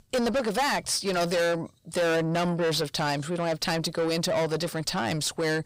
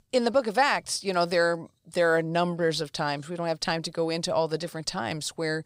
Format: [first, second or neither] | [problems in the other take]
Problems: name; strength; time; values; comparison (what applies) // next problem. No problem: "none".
second | distortion; heavy; 6 dB below the speech